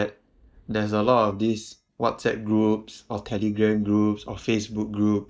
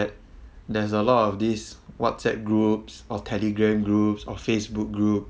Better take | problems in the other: second | noise reduction (neural mask model DeepFilterNet 3)

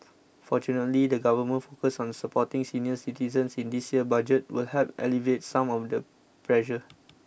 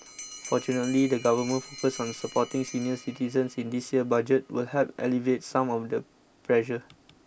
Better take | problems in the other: first | background sound (Bell); 18 dB below the speech

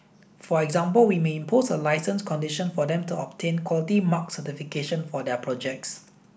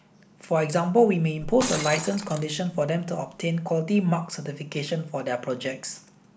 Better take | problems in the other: first | background sound (Shatter); 15 dB below the speech

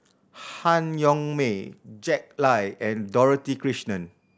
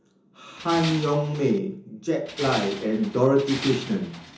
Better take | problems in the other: first | background sound (Tools); 11 dB below the speech // room echo; dies away in 0.6 s

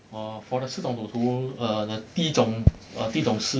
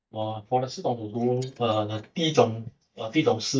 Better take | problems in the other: first | noise reduction (neural mask model DeepFilterNet 3)

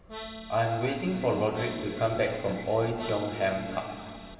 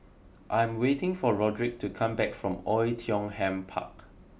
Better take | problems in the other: second | background sound (Accordion); 15 dB below the speech // room echo; dies away in 2.9 s

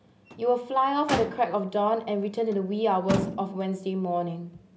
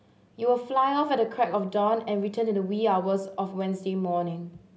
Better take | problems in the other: second | background sound (Motor vehicle (road)); 10 dB below the speech

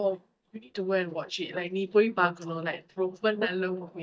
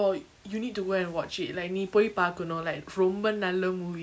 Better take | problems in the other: second | noise reduction (neural mask model DeepFilterNet 3)

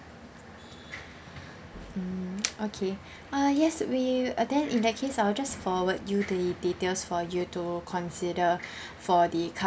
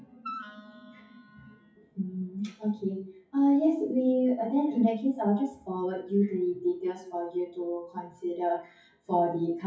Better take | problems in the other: first | noise reduction (classical method WPE with log-MMSE)

